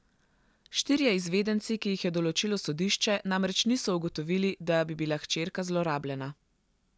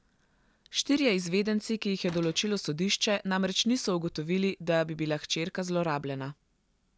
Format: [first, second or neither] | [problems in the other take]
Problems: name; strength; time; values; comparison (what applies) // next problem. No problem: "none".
first | background sound (Cupboard open or close / Door); 19 dB below the speech